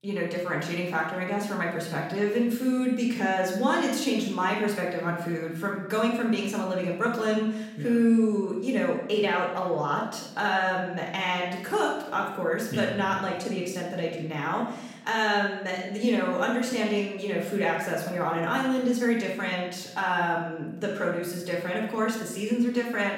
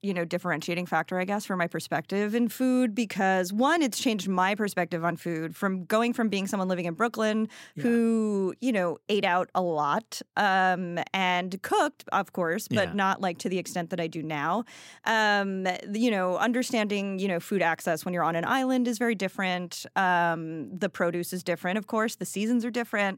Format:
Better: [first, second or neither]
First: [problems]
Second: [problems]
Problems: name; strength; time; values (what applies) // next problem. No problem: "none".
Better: second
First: off-mic speech; far // room echo; noticeable; dies away in 0.8 s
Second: none